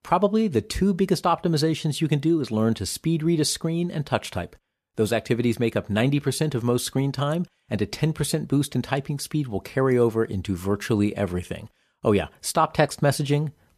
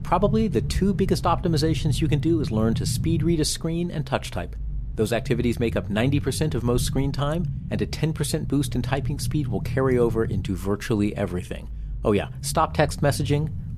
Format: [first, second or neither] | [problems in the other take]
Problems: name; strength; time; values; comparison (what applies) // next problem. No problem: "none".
first | low rumble; noticeable; throughout; 15 dB below the speech